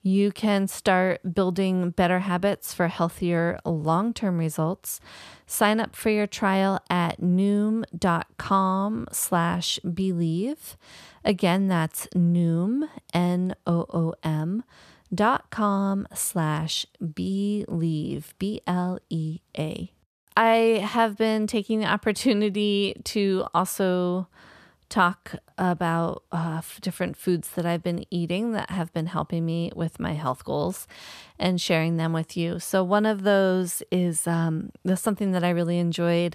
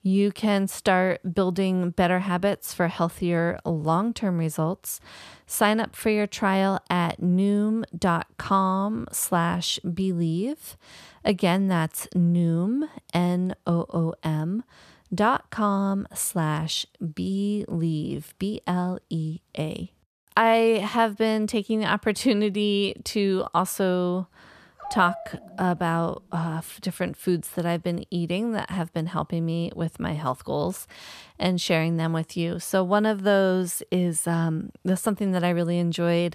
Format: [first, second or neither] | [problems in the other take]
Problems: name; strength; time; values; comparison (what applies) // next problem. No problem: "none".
first | dog barking; noticeable; from 25 to 26 s; peak 9 dB below the speech